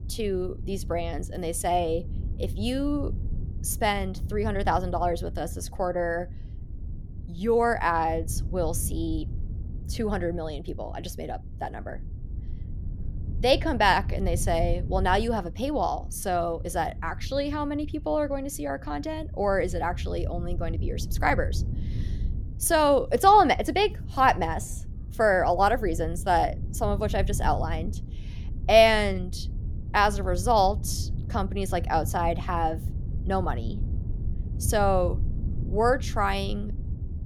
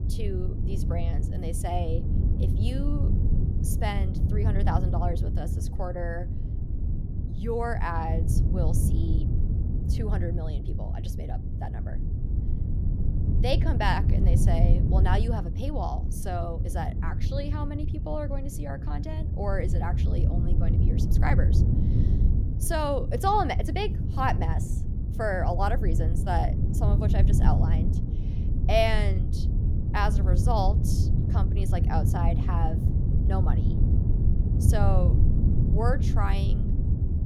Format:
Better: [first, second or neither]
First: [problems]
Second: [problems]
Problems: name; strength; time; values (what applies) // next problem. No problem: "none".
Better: first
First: low rumble; faint; throughout; 25 dB below the speech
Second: low rumble; loud; throughout; 8 dB below the speech